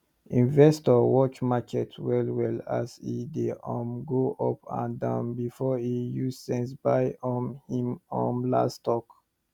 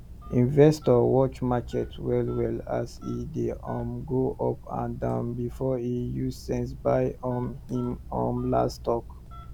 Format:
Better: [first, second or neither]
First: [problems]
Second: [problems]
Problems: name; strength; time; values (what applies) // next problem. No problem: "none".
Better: first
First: none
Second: background sound (Telephone); 14 dB below the speech